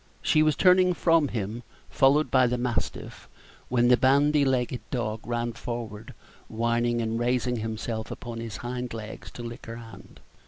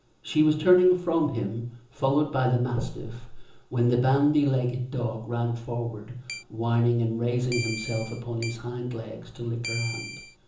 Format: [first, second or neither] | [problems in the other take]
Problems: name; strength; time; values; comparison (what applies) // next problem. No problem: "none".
first | background sound (Keyboard (musical)); 13 dB below the speech // room echo; dies away in 0.6 s